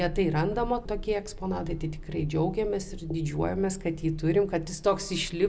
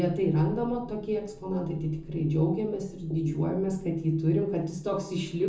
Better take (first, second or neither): first